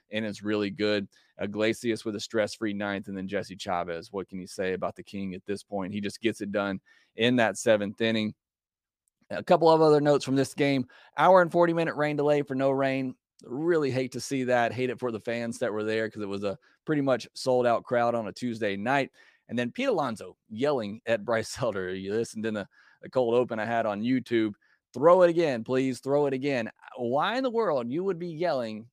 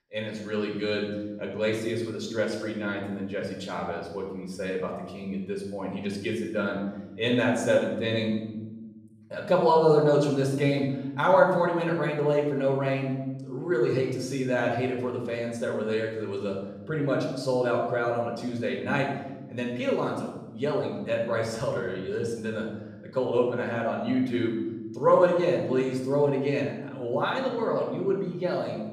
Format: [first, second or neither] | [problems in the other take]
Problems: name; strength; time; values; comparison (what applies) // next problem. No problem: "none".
first | off-mic speech; far // room echo; noticeable; dies away in 1.3 s